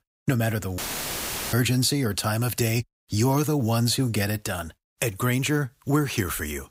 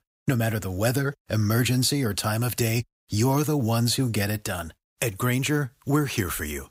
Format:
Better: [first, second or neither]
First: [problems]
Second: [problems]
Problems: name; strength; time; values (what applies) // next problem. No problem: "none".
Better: second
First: audio cutting out; filled with static; at 1 s for 1 s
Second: none